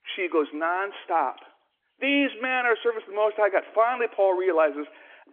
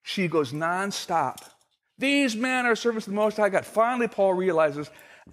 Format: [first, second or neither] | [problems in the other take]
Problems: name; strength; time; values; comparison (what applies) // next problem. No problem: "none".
second | phone-call audio; nothing above 3.5 kHz